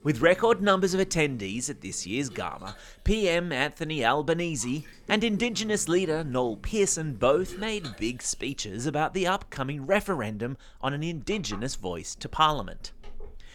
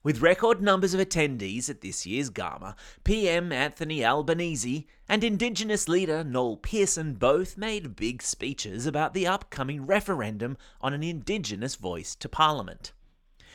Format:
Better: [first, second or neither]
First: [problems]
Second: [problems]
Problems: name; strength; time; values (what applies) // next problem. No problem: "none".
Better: second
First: household noises; faint; throughout; 20 dB below the speech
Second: none